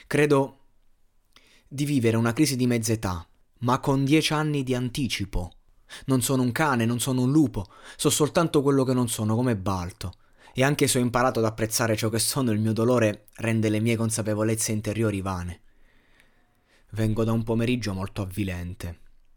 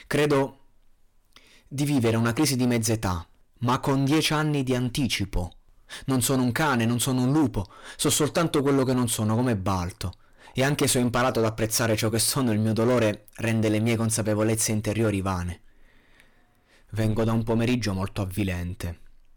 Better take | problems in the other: first | distortion; slight; 10% of the sound clipped

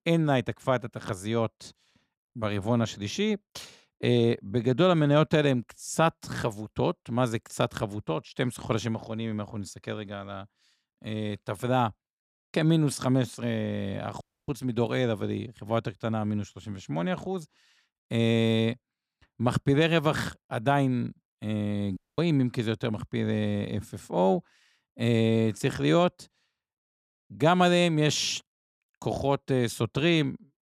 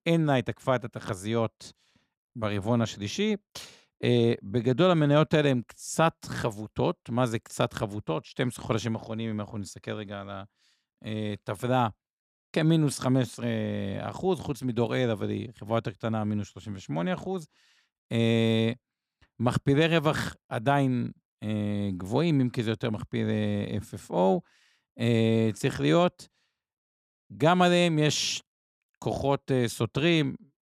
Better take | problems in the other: second | audio cutting out; at 14 s and at 22 s

